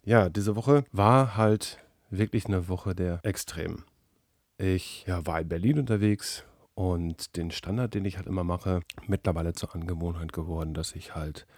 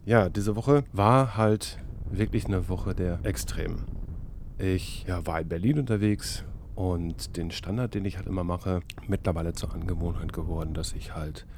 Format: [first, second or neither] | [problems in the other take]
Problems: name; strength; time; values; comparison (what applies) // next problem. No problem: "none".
first | wind noise on the microphone; occasional gusts; 25 dB below the speech